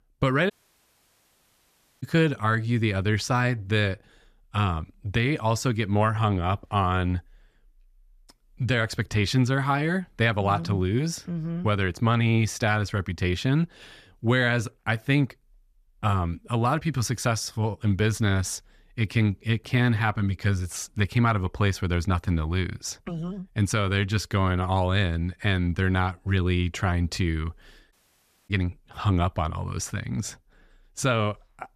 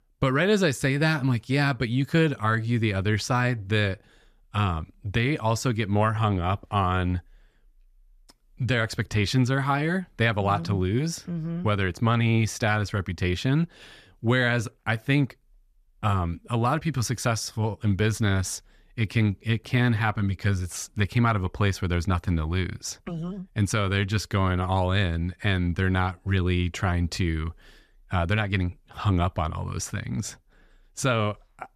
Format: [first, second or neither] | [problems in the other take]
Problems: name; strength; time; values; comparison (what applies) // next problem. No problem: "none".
second | audio cutting out; at 0.5 s for 1.5 s and at 28 s for 0.5 s